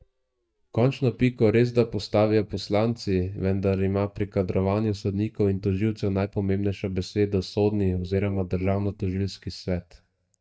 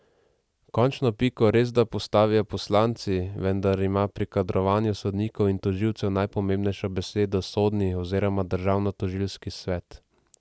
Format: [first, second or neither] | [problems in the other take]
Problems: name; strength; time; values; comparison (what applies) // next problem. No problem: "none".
second | noise reduction (neural mask model DeepFilterNet 3)